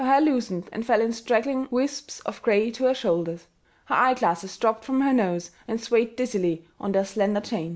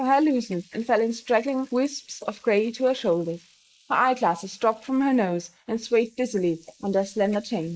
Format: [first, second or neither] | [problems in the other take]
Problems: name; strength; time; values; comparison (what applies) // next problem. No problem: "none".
first | noise reduction (neural mask model Resemble Enhance denoiser)